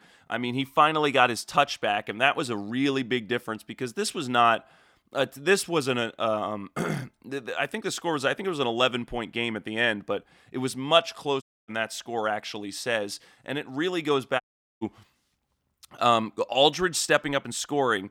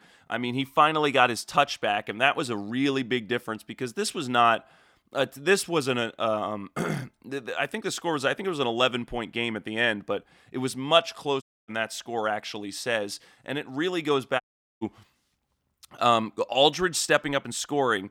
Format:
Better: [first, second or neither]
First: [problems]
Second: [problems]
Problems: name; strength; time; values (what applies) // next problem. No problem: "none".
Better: neither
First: audio cutting out; at 11 s and at 14 s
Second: audio cutting out; at 11 s and at 14 s